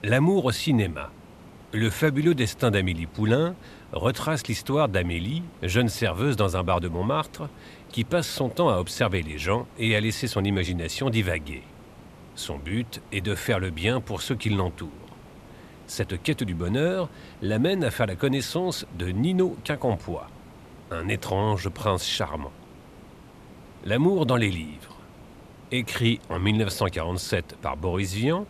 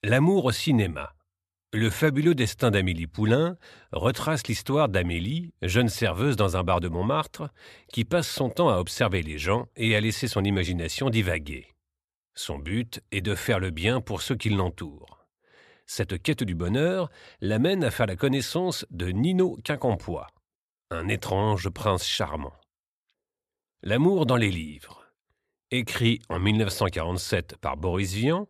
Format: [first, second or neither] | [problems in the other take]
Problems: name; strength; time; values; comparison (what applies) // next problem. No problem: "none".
second | hiss; faint; throughout; 20 dB below the speech